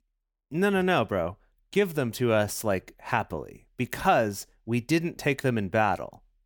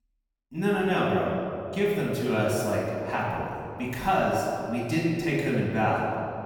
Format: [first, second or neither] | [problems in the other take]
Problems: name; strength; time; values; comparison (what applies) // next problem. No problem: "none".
first | off-mic speech; far // room echo; noticeable; dies away in 2 s